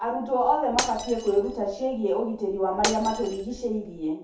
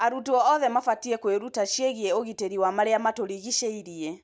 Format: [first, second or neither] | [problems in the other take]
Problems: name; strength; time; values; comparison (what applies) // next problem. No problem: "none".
second | background sound (Shatter); 10 dB below the speech // room echo; dies away in 0.5 s